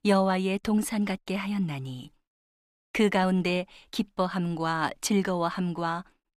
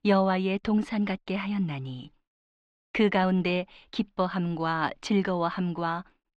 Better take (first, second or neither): first